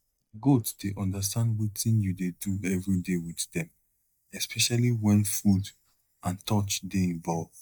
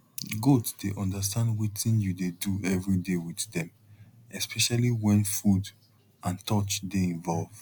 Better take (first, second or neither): second